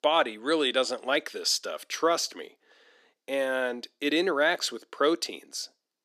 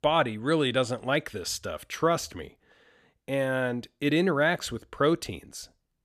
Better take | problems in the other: second | thin; very slightly; fading below 300 Hz

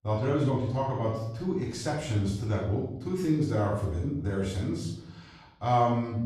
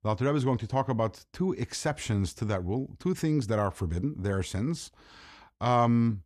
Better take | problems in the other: second | off-mic speech; far // room echo; noticeable; dies away in 0.7 s

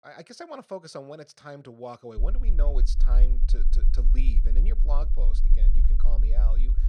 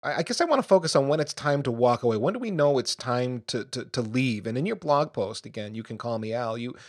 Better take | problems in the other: second | low rumble; noticeable; from 2 s on; 10 dB below the speech

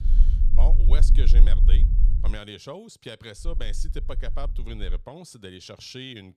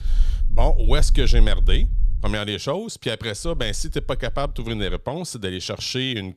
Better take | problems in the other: second | low rumble; loud; until 2.5 s and from 3.5 to 5 s; 7 dB below the speech; faint in the second

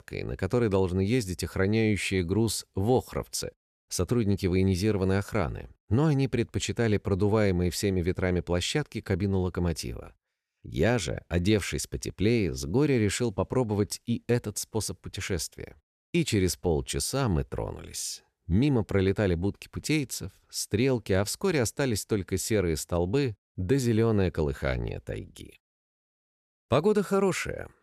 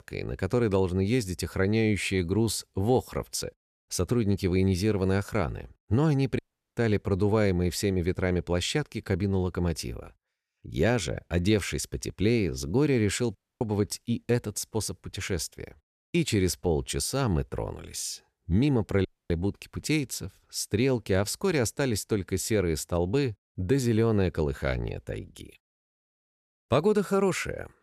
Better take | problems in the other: first | audio cutting out; at 6.5 s, at 13 s and at 19 s

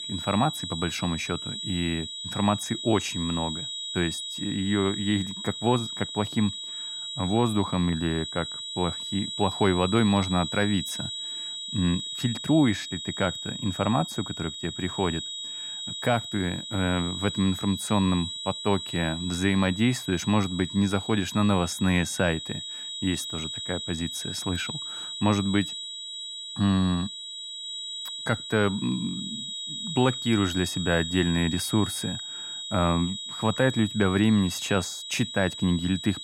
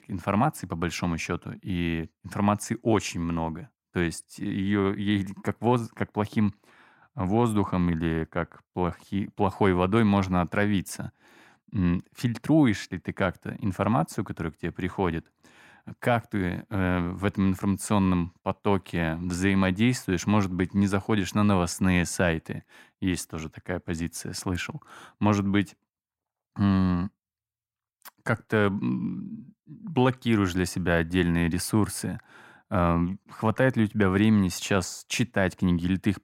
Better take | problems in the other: second | high-pitched whine; loud; throughout; 4 kHz, 6 dB below the speech

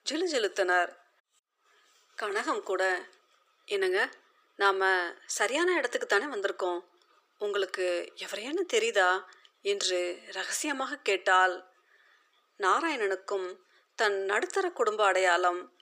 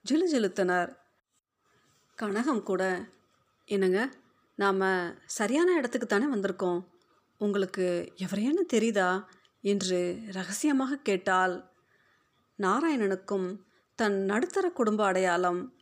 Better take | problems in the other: second | thin; very; fading below 400 Hz

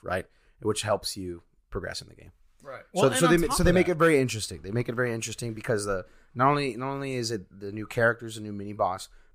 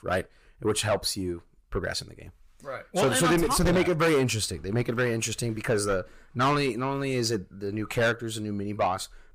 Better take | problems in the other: first | distortion; heavy; 8 dB below the speech

